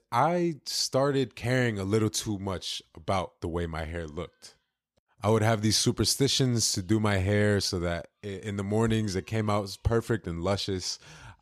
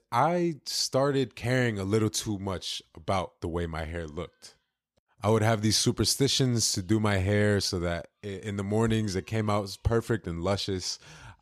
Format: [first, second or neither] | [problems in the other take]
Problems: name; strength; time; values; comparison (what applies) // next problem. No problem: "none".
neither | none